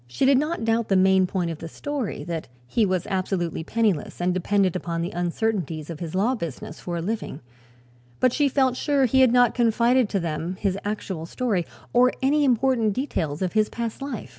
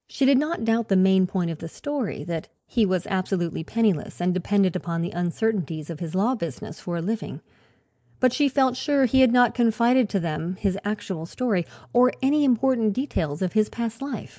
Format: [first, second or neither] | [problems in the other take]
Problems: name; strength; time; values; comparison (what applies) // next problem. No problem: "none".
first | noise reduction (neural mask model Resemble Enhance denoiser)